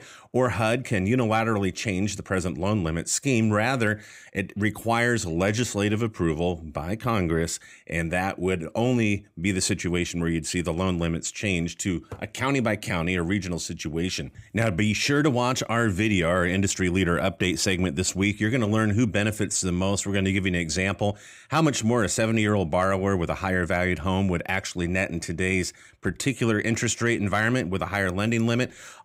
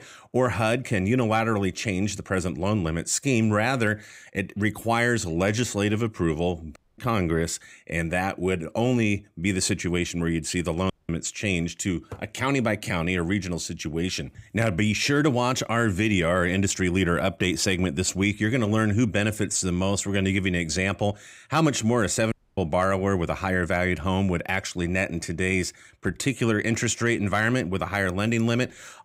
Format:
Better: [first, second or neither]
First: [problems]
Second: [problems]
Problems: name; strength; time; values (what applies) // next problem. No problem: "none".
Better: first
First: none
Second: audio cutting out; at 7 s, at 11 s and at 22 s